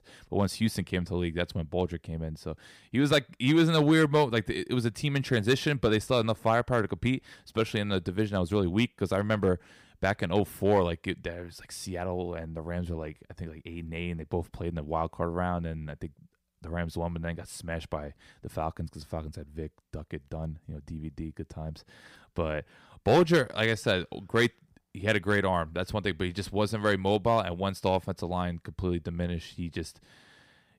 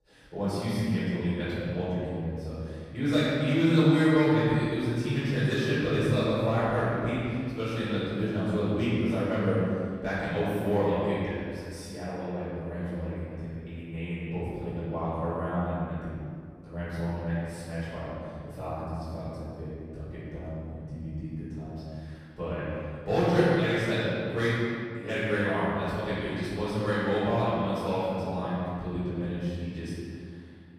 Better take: first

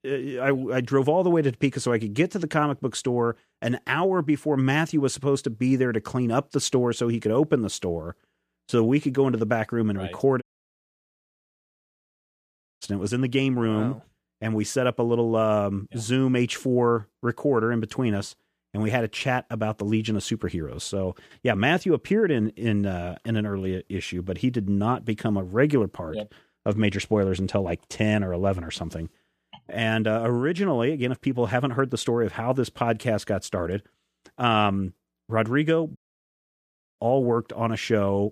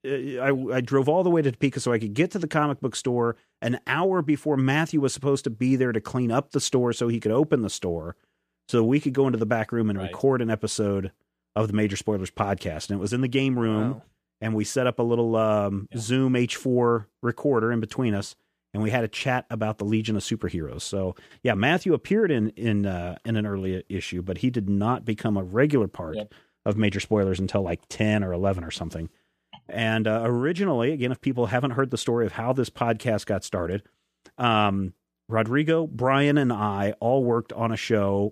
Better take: second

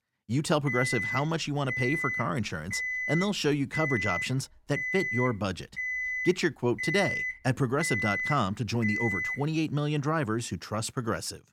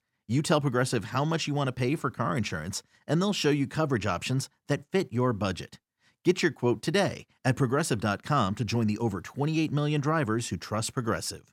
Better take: second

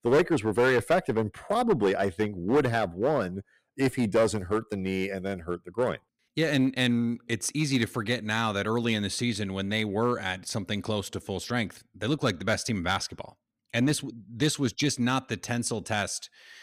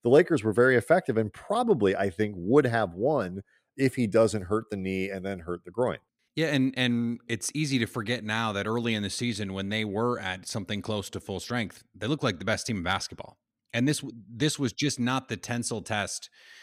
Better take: second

